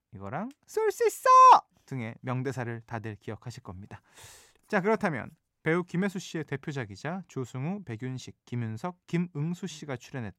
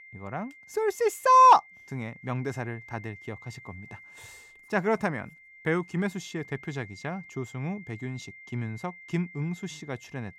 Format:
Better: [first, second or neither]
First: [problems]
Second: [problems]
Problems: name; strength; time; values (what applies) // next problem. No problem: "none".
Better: first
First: none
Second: high-pitched whine; faint; throughout; 2 kHz, 20 dB below the speech